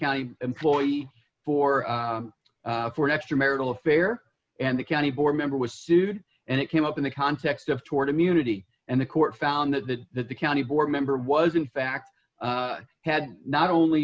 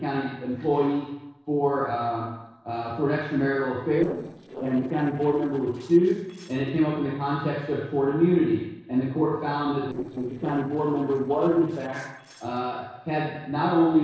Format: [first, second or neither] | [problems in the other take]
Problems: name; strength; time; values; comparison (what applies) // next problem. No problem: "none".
first | noise reduction (neural separator model SepFormer DNS4)